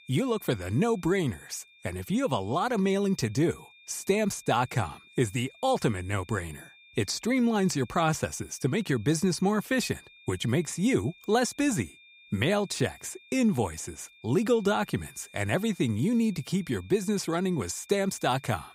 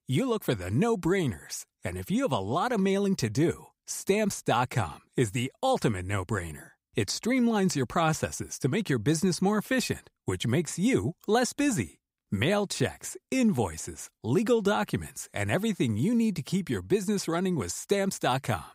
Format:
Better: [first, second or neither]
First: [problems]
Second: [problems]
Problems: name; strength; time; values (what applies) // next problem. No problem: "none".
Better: second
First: high-pitched whine; faint; throughout; 2.5 kHz, 25 dB below the speech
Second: none